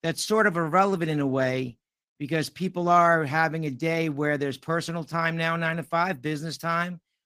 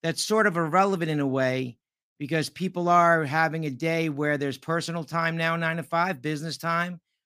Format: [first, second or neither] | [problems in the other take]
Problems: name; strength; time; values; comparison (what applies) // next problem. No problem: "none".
second | garbled, watery; slightly; nothing above 15 kHz